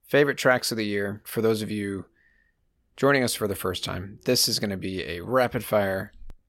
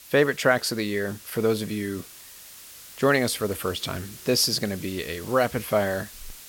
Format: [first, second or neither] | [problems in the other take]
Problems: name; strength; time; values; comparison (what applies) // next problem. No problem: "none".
first | hiss; noticeable; throughout; 15 dB below the speech